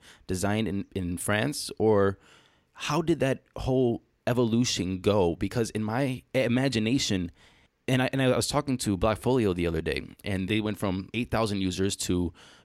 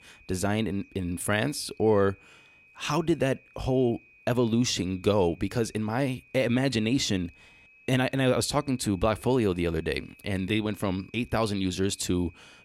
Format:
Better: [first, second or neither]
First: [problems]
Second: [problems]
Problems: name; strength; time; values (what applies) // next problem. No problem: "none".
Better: first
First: none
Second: high-pitched whine; faint; throughout; 2.5 kHz, 25 dB below the speech